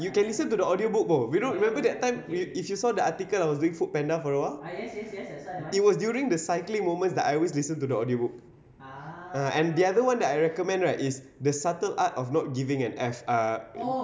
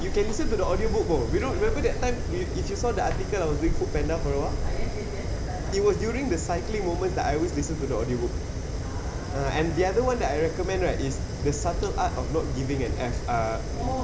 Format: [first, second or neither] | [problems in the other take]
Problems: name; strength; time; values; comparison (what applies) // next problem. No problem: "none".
first | background sound (Fire); 1 dB below the speech